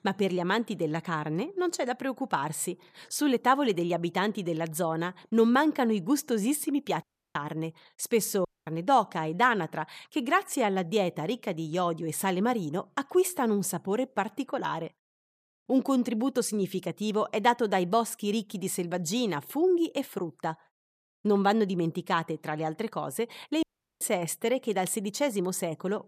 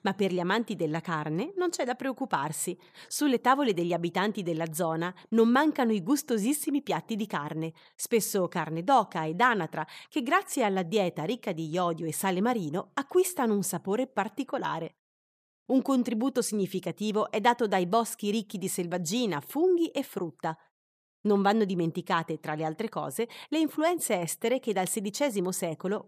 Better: second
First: audio cutting out; at 7 s, at 8.5 s and at 24 s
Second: none

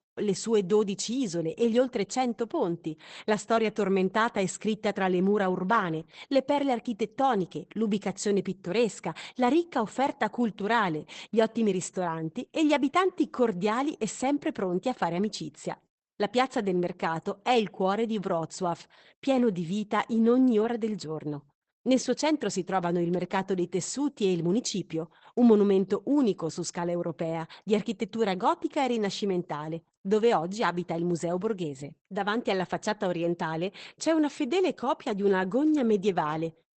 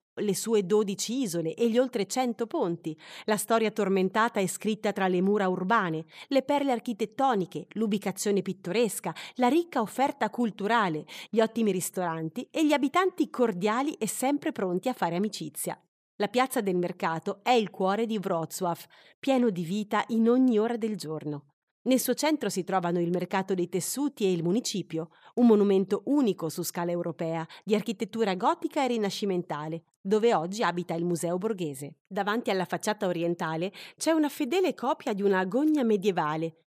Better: second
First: garbled, watery; badly; nothing above 8 kHz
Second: none

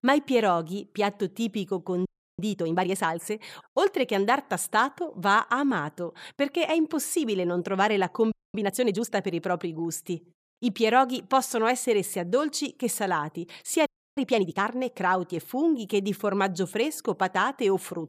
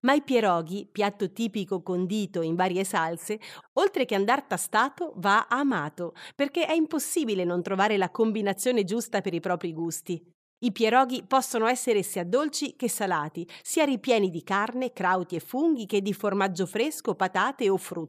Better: second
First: audio freezing; at 2 s, at 8.5 s and at 14 s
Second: none

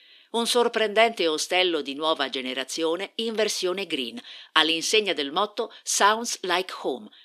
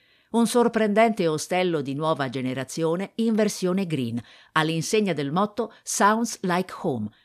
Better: second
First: thin; somewhat; fading below 300 Hz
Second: none

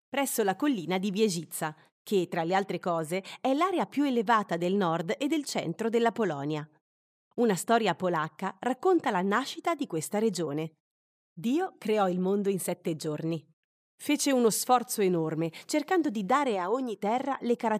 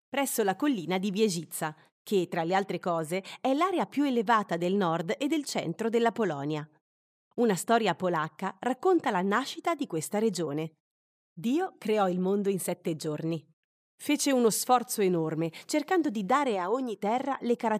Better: neither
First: none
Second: none

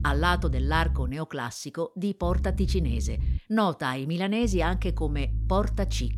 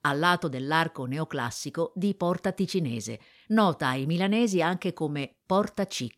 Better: second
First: low rumble; noticeable; until 1 s, from 2 to 3.5 s and from 4.5 s on; 20 dB below the speech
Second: none

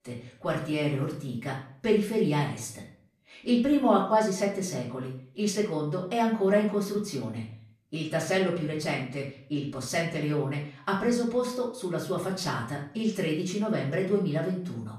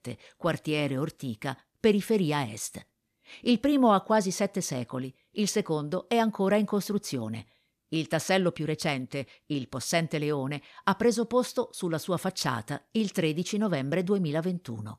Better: second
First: off-mic speech; far // room echo; slight; dies away in 0.4 s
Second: none

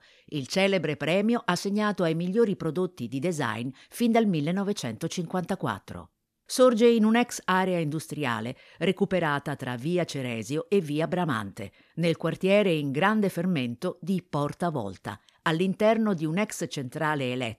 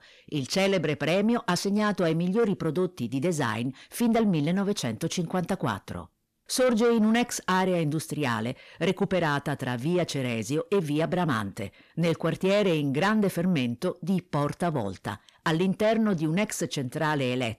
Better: first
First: none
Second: distortion; slight; 10 dB below the speech

